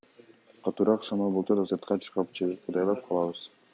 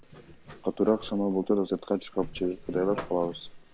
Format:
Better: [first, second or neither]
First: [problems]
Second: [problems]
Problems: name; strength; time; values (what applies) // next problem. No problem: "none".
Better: first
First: none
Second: background sound (Zipper (clothing)); 15 dB below the speech